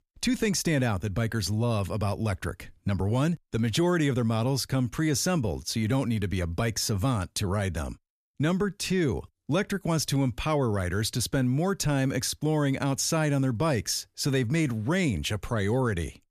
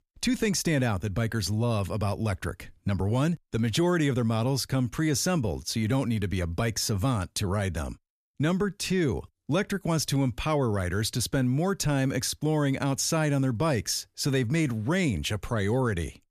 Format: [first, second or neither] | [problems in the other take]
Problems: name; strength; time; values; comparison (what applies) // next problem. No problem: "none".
neither | none